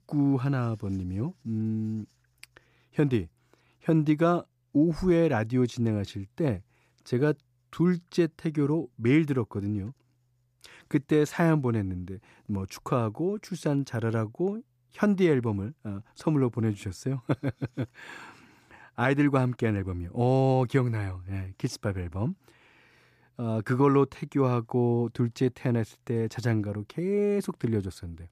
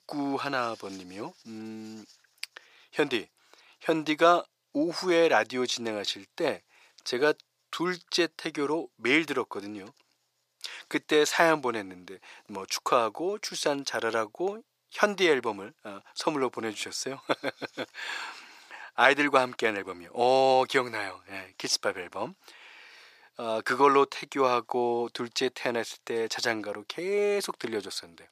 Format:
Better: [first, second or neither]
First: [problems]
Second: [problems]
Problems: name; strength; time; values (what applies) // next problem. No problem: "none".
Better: first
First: none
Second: thin; very; fading below 650 Hz